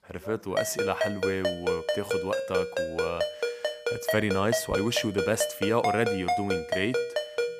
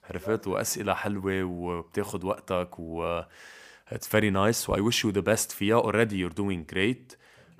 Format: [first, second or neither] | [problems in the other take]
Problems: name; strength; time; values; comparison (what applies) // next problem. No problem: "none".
second | phone ringing; loud; from 0.5 s on; peak 2 dB above the speech